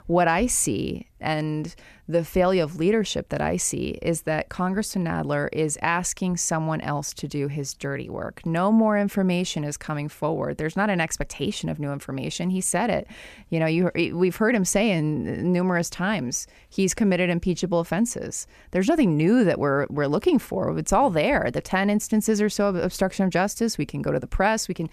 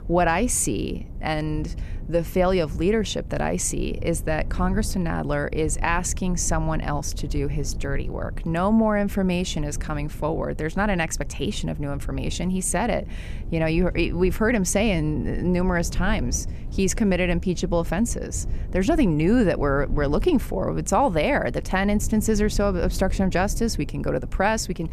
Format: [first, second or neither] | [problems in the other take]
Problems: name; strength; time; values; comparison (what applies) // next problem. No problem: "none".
first | low rumble; faint; throughout; 20 dB below the speech